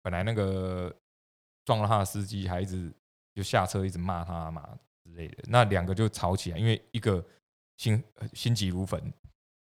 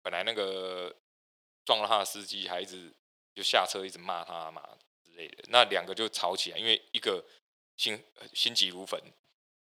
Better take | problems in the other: first | thin; very; fading below 350 Hz

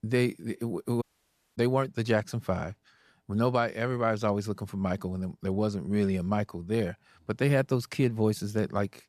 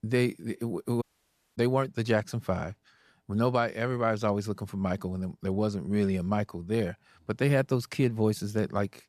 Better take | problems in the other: neither | audio cutting out; at 1 s for 0.5 s; the same in both

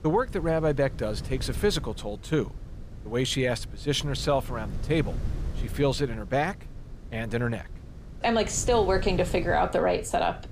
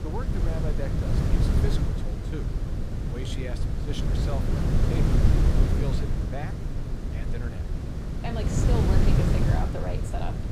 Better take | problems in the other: first | wind noise on the microphone; heavy; 2 dB above the speech; occasional gusts in the first

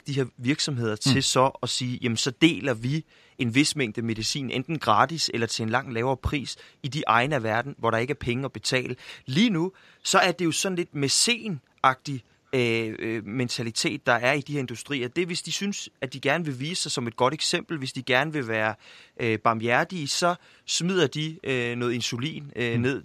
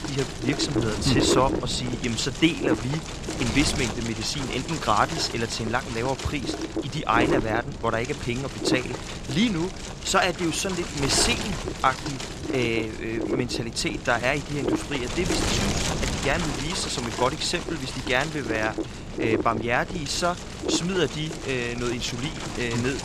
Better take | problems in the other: first | wind noise on the microphone; heavy; 5 dB below the speech

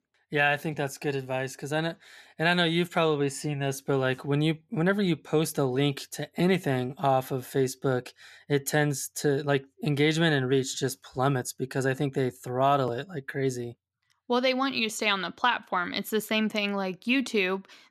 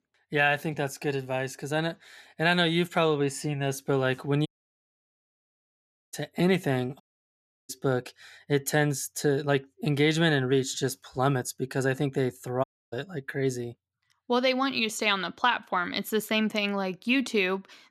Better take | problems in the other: first | audio cutting out; at 4.5 s for 1.5 s, at 7 s for 0.5 s and at 13 s

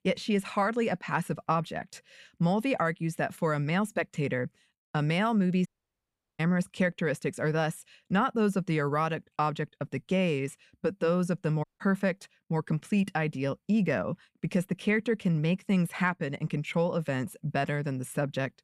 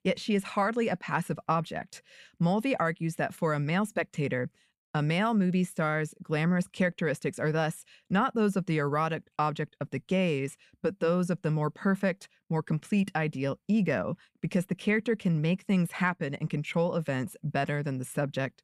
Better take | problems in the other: second | audio cutting out; at 5.5 s for 0.5 s and at 12 s

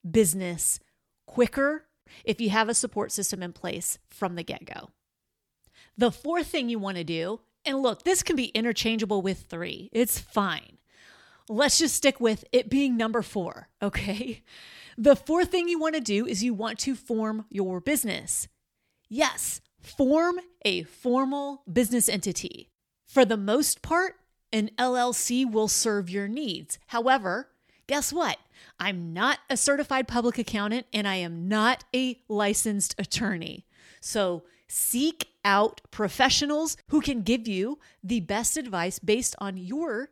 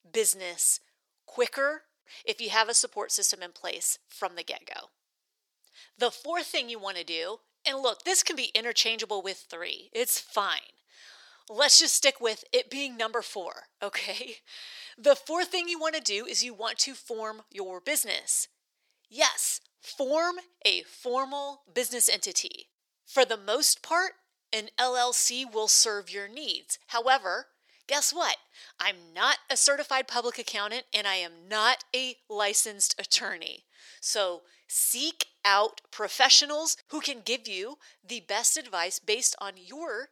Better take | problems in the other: first | thin; very; fading below 500 Hz

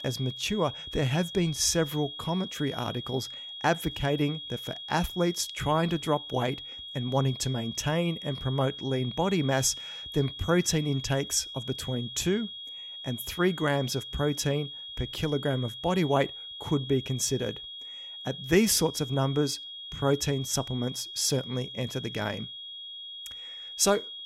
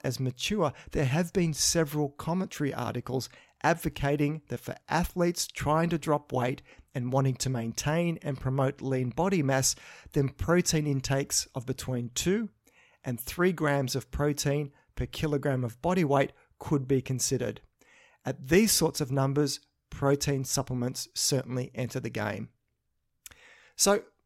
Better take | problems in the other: second | high-pitched whine; loud; throughout; 3.5 kHz, 9 dB below the speech

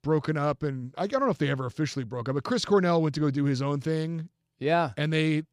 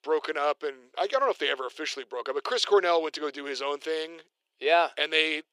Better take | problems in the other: first | thin; very; fading below 400 Hz

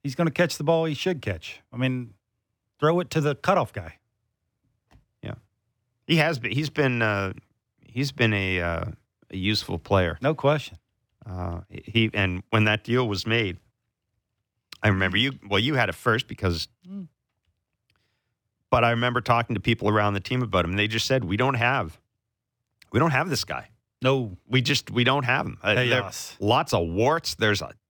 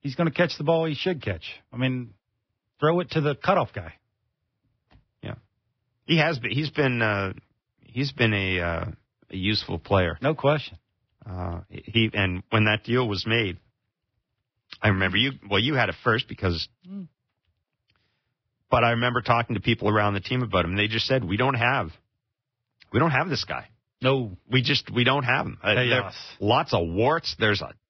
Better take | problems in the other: first | garbled, watery; badly; nothing above 5.5 kHz

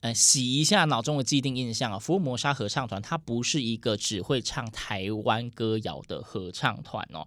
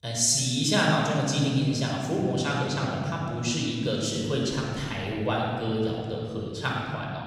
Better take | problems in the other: first | off-mic speech; somewhat distant // room echo; strong; dies away in 2.4 s

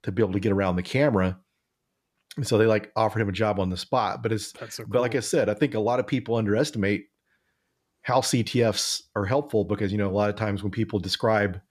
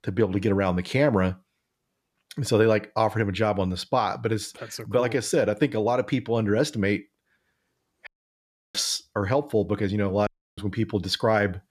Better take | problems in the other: first | audio cutting out; at 8 s for 0.5 s and at 10 s

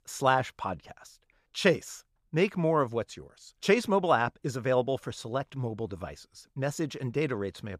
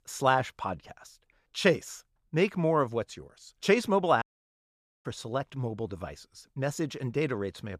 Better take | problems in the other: first | audio cutting out; at 4 s for 1 s

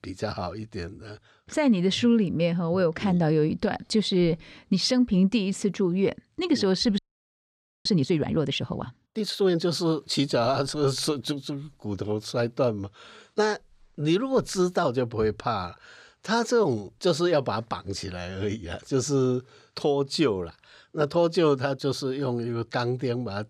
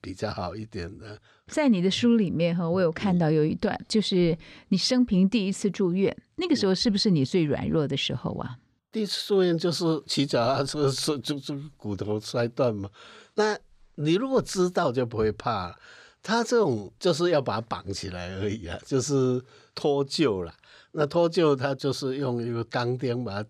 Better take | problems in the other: second | audio freezing; at 7 s for 1 s

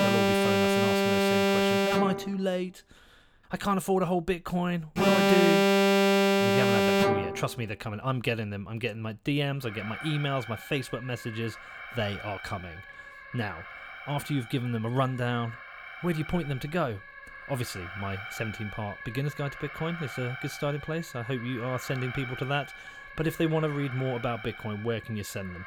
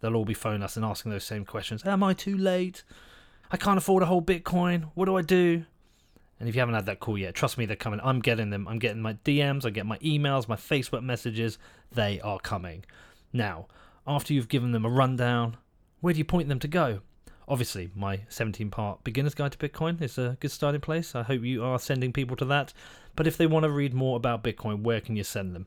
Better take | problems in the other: second | alarms or sirens; very loud; throughout; 5 dB above the speech

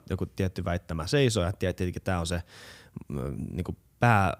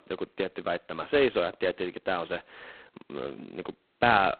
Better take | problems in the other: first | phone-call audio; poor line; nothing above 4 kHz

